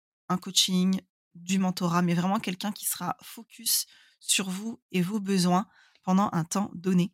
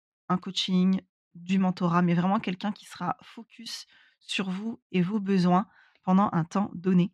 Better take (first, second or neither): first